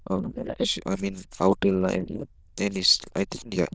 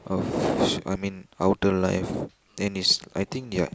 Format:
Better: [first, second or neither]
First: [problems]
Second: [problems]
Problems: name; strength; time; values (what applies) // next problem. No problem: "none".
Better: second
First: noise reduction (neural diffusion model UNIVERSE++)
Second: none